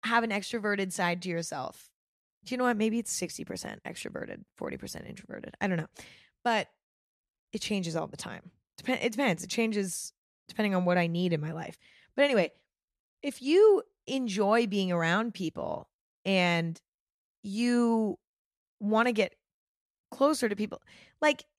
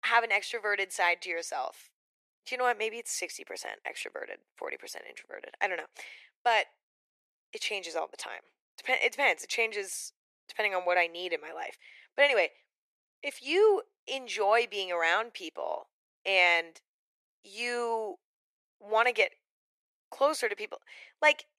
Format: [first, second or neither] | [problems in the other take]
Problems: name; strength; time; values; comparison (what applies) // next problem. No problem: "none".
first | thin; very; fading below 400 Hz